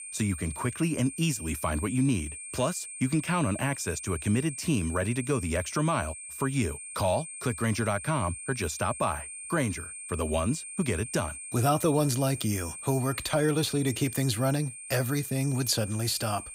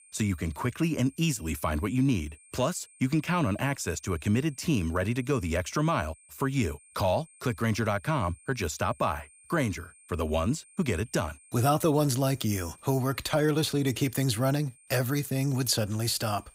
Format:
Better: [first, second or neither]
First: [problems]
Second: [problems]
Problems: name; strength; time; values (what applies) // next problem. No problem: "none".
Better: second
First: high-pitched whine; loud; throughout; 8.5 kHz, 9 dB below the speech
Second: high-pitched whine; faint; throughout; 8.5 kHz, 25 dB below the speech